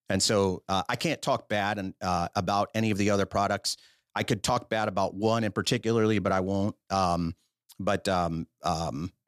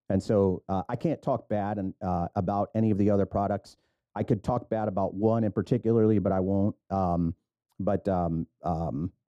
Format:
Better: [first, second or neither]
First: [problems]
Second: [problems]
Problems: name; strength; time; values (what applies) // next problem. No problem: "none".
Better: first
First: none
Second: muffled; very; fading above 1.5 kHz